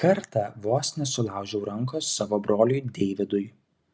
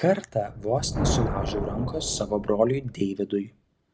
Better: first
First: none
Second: background sound (Thunder); 5 dB below the speech

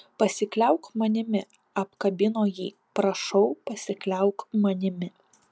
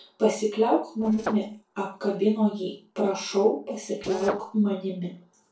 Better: first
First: none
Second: noise reduction (neural separator model SepFormer DNS4)

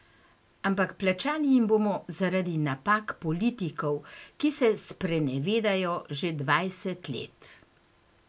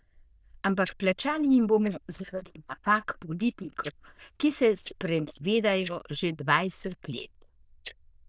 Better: first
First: none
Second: noise reduction (neural diffusion model UNIVERSE++)

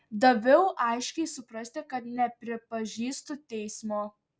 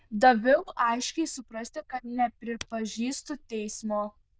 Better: first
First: none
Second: noise reduction (neural diffusion model UNIVERSE++)

